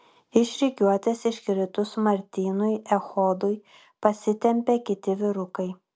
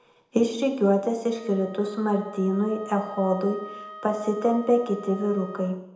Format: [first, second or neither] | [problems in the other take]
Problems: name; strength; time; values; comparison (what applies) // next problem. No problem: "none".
first | background sound (Wind instrument, woodwind instrument); 18 dB below the speech // room echo; dies away in 0.7 s